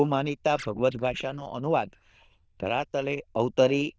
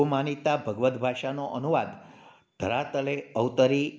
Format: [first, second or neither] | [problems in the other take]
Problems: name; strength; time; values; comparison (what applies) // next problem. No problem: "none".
second | noise reduction (neural diffusion model UNIVERSE++)